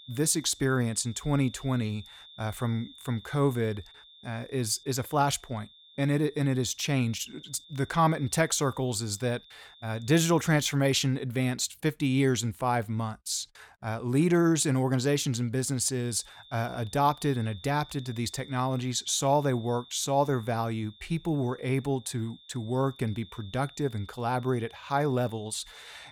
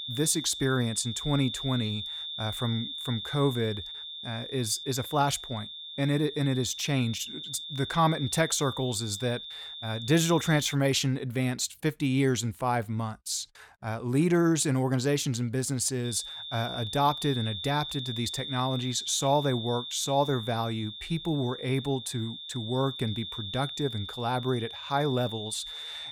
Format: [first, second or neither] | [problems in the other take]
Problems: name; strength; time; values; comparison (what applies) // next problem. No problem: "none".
first | high-pitched whine; loud; until 11 s and from 16 s on; 3.5 kHz, 8 dB below the speech; faint in the first